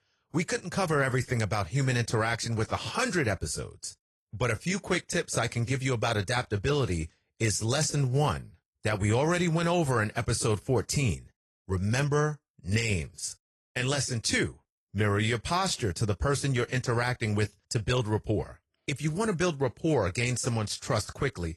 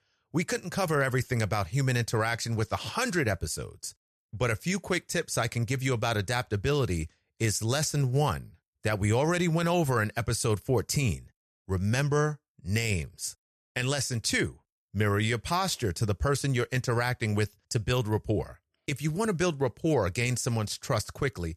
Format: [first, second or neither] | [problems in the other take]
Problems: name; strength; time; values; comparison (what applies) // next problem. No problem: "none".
second | garbled, watery; slightly